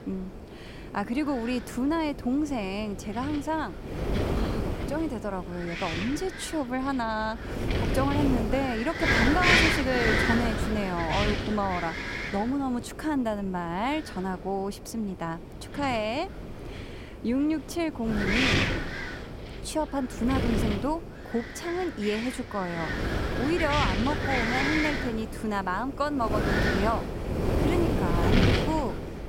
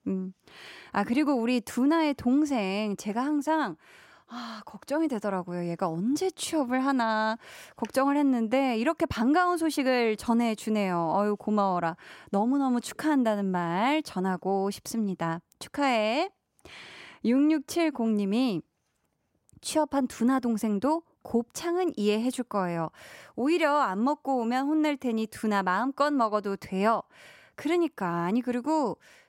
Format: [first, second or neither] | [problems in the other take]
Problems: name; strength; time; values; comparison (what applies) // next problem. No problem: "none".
second | wind noise on the microphone; heavy; 2 dB above the speech